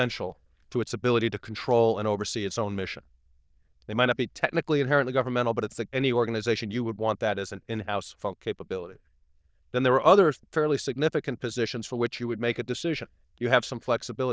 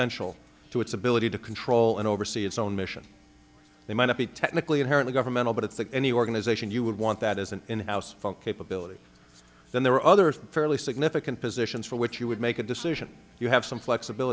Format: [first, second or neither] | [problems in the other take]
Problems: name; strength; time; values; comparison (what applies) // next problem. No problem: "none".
second | noise reduction (neural diffusion model UNIVERSE++)